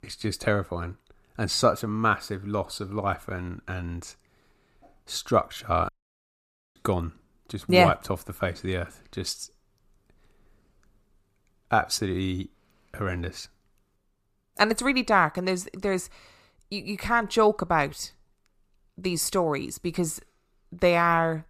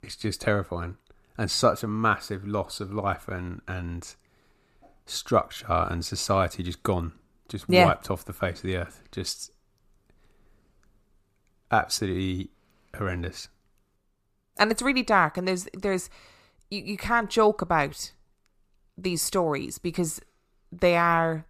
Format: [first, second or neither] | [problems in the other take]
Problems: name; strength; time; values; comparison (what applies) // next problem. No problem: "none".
second | audio cutting out; at 6 s for 1 s